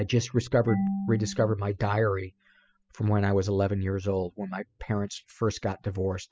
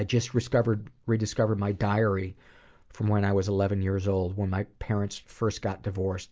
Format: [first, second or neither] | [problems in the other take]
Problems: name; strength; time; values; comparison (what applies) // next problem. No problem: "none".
second | noise reduction (classical method spectral subtraction)